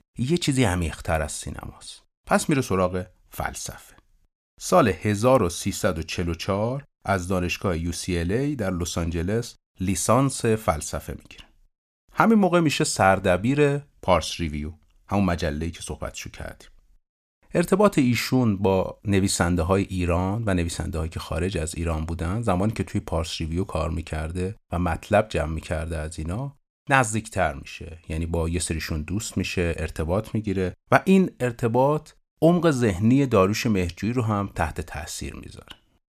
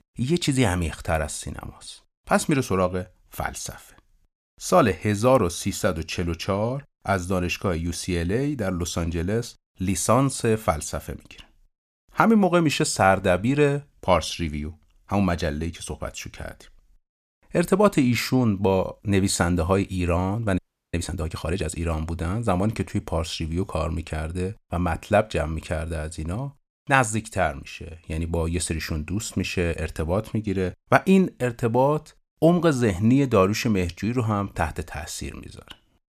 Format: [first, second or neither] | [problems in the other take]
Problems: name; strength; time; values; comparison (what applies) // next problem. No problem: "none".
first | audio freezing; at 21 s